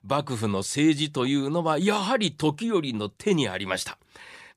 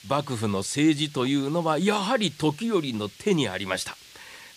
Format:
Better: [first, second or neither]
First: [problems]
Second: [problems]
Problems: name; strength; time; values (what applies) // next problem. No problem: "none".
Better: first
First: none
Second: hiss; faint; throughout; 20 dB below the speech